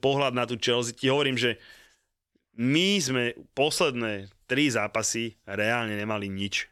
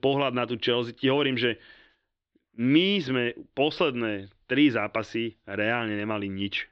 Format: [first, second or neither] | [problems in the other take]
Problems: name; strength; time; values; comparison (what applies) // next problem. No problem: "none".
first | muffled; slightly; fading above 4 kHz